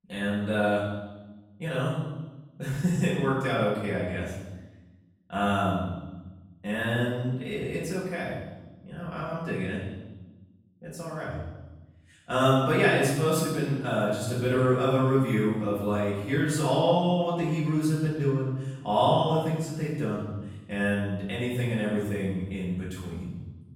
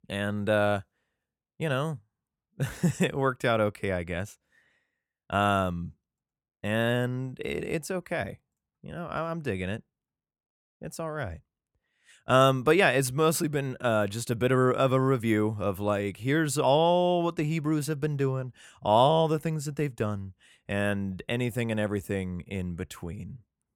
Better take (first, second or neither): second